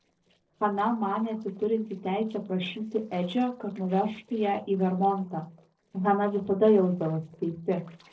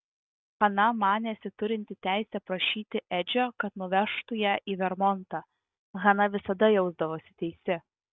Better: second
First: noise reduction (neural separator model SepFormer DNS4)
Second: none

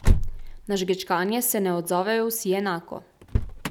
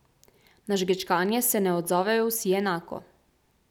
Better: second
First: background sound (Motor vehicle (road)); 1 dB below the speech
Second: none

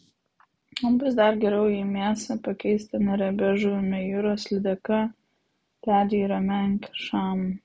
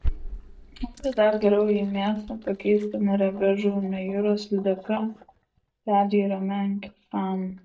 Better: first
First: none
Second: noise reduction (neural mask model DeepFilterNet 3)

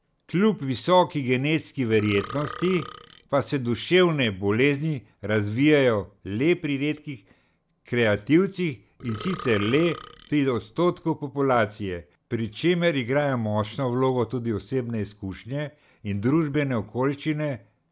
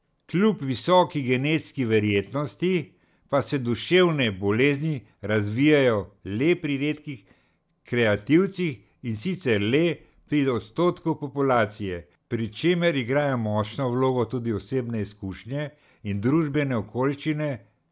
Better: second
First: background sound (Burping, eructation); 14 dB below the speech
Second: none

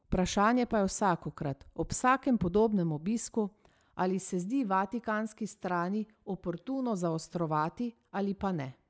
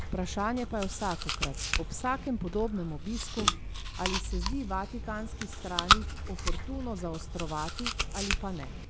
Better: first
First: none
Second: background sound (Chewing, mastication); 3 dB above the speech

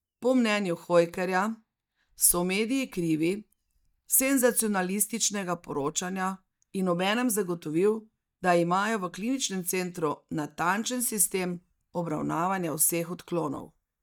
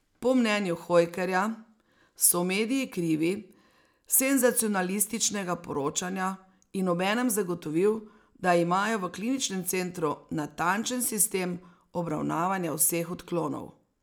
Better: second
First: noise reduction (neural mask model DeepFilterNet 3)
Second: none

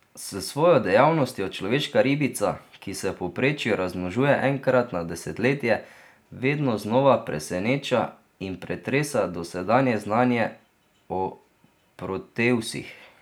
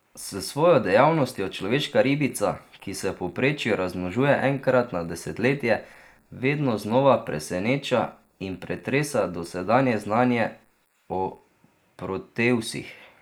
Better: first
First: none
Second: noise reduction (neural mask model Resemble Enhance denoiser)

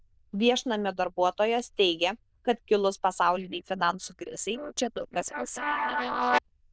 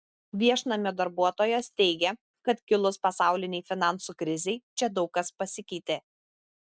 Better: second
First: noise reduction (neural diffusion model UNIVERSE++)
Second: none

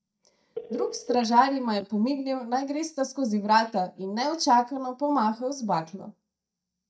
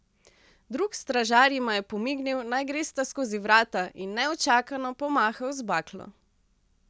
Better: second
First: noise reduction (neural mask model DeepFilterNet 3)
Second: none

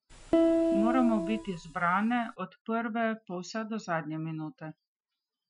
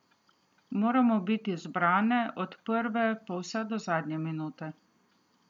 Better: second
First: noise reduction (classical method Wiener filter)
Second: none

